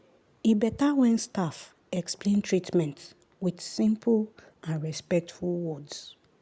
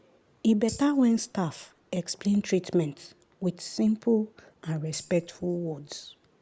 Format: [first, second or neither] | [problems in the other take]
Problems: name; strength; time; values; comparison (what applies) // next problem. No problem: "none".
first | background sound (Tambourine); 20 dB below the speech